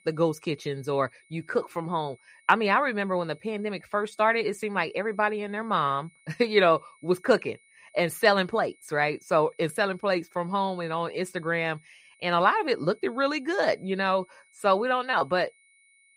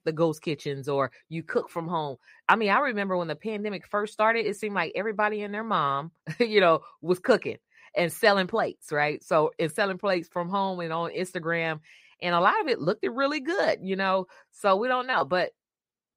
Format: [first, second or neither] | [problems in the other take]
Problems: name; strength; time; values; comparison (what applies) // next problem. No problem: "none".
second | high-pitched whine; faint; throughout; 2 kHz, 30 dB below the speech